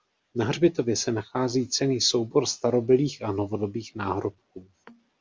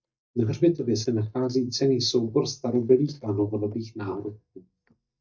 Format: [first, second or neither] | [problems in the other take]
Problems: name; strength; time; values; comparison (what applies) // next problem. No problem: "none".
first | noise reduction (neural mask model DeepFilterNet 3)